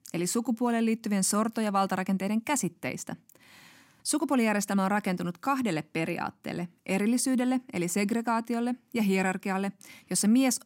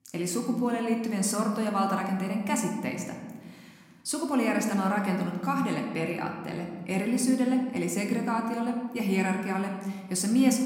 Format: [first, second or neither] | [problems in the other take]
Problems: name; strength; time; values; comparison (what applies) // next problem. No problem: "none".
first | room echo; slight; dies away in 1.2 s